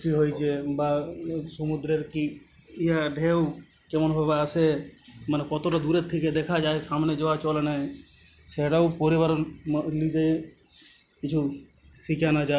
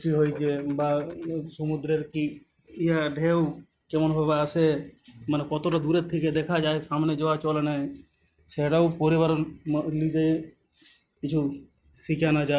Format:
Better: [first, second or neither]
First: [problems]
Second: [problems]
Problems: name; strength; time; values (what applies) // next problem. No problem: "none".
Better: first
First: none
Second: noise reduction (neural mask model RNNoise)